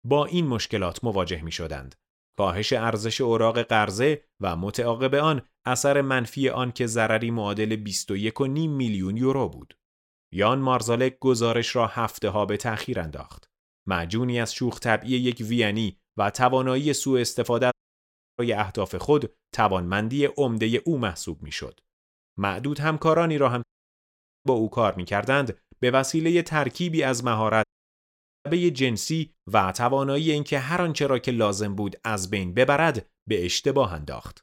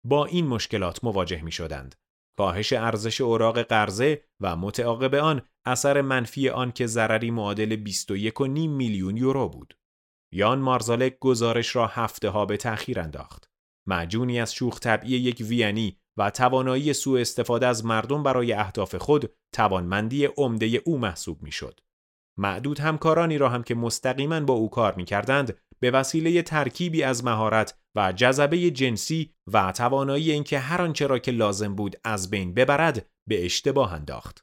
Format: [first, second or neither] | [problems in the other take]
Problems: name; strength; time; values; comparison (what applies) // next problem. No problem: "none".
second | audio cutting out; at 18 s for 0.5 s, at 24 s for 1 s and at 28 s for 1 s